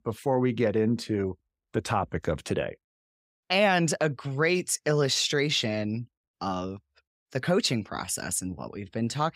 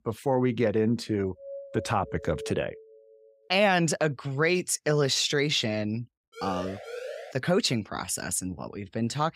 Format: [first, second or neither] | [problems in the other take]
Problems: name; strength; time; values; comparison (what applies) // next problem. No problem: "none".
first | doorbell; faint; from 1.5 to 3.5 s; peak 10 dB below the speech // siren; faint; at 6.5 s; peak 10 dB below the speech